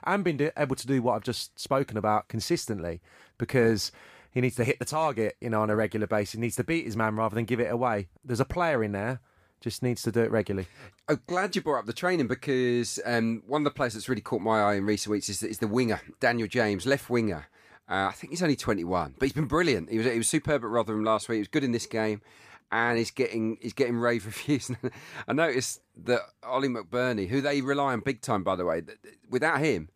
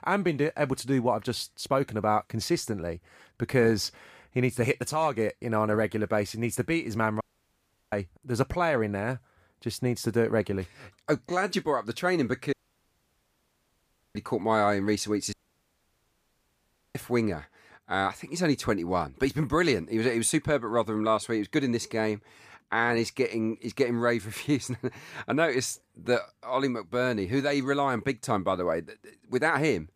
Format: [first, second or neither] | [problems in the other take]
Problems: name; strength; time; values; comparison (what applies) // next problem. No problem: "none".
first | audio cutting out; at 7 s for 0.5 s, at 13 s for 1.5 s and at 15 s for 1.5 s